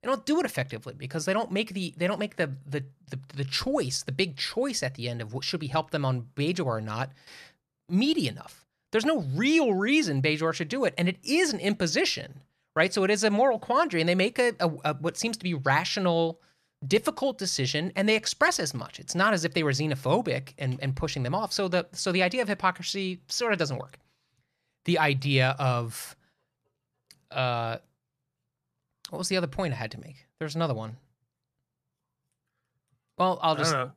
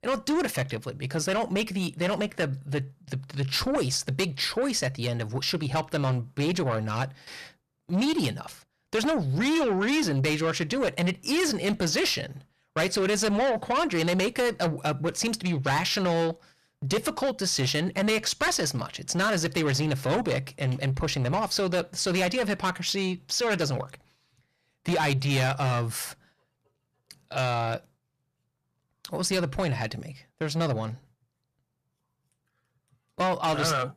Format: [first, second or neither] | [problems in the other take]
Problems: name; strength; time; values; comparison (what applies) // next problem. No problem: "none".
first | distortion; heavy; 8 dB below the speech